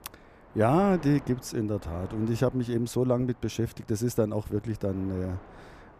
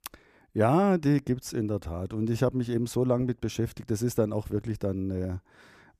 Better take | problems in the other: second | wind noise on the microphone; occasional gusts; 20 dB below the speech

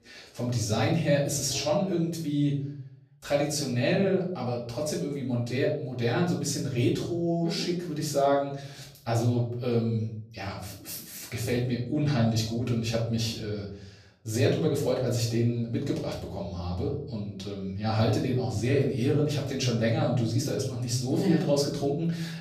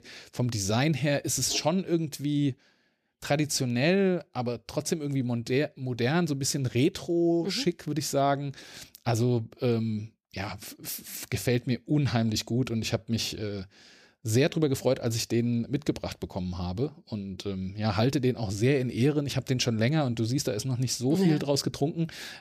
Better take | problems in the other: second | off-mic speech; far // room echo; noticeable; dies away in 0.6 s

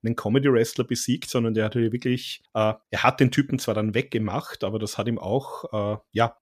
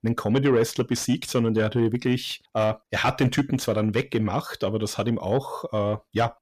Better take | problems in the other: first | distortion; slight; 10 dB below the speech

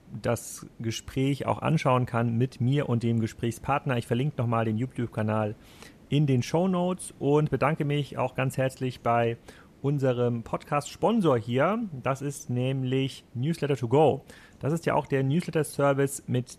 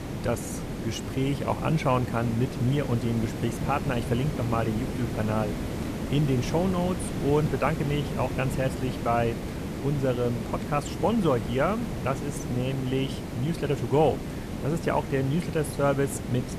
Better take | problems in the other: first | hiss; loud; throughout; 5 dB below the speech; faint in the first

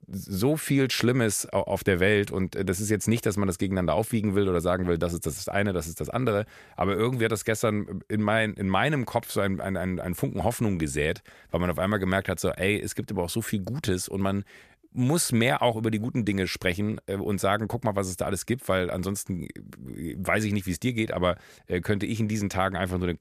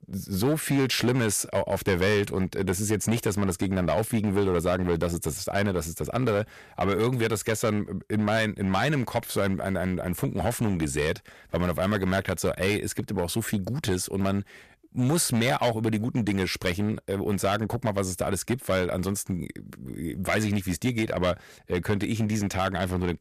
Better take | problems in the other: first | distortion; slight; 6% of the sound clipped

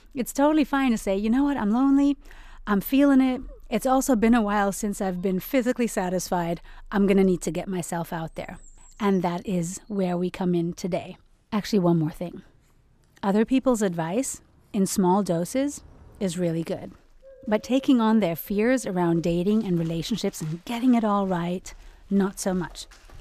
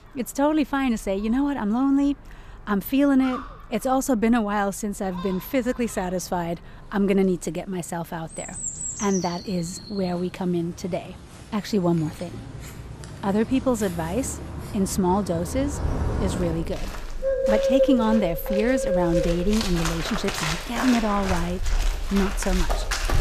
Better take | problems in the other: first | animal sounds; loud; throughout; 4 dB below the speech; faint in the first

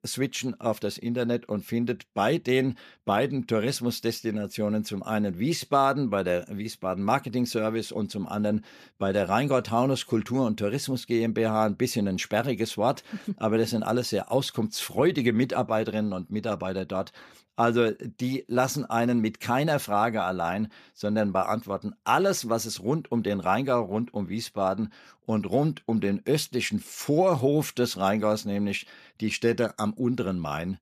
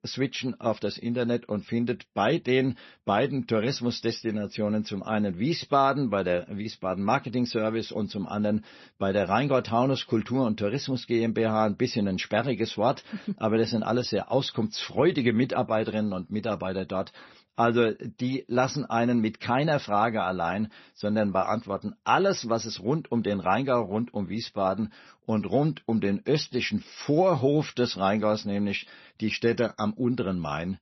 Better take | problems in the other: first | garbled, watery; slightly; nothing above 6 kHz

